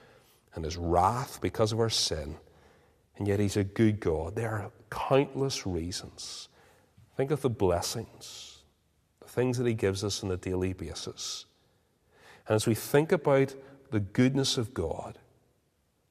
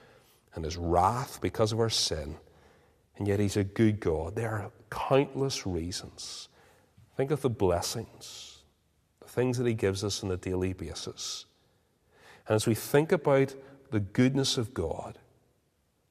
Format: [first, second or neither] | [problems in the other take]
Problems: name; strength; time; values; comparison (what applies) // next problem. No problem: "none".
neither | none